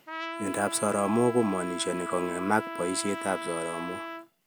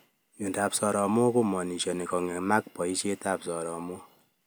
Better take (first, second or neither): second